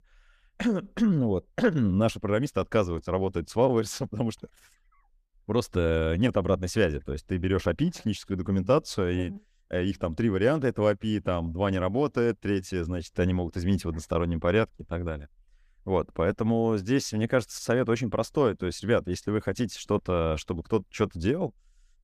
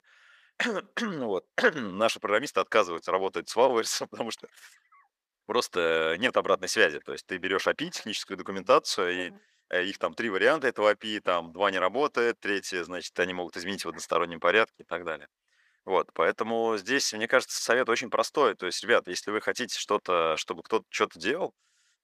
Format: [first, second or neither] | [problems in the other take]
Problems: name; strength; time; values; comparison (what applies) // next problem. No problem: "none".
first | thin; very; fading below 500 Hz